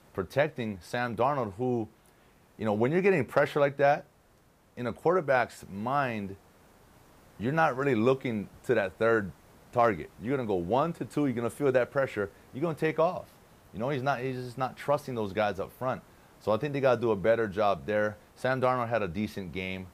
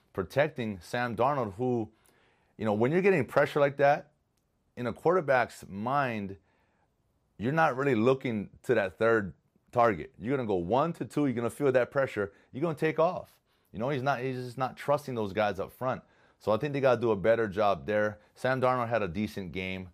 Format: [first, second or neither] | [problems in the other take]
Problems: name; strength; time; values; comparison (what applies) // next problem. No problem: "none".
second | hiss; faint; throughout; 30 dB below the speech